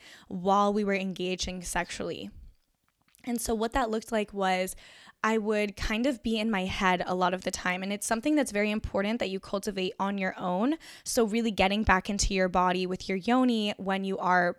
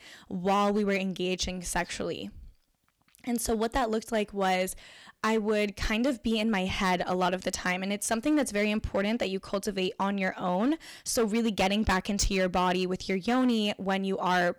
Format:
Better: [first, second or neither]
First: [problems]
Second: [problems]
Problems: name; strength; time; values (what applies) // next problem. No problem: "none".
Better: first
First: none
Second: distortion; slight; 6% of the sound clipped